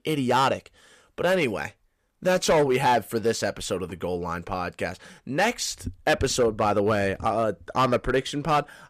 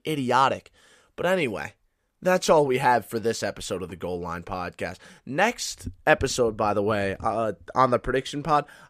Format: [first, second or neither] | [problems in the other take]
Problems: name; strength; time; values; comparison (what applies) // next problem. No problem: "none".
second | distortion; slight; 4% of the sound clipped